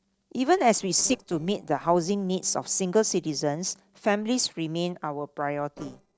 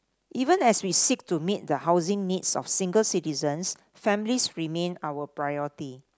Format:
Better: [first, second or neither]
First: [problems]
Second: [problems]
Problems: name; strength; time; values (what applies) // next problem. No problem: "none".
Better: second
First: noise reduction (neural separator model SepFormer DNS4)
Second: none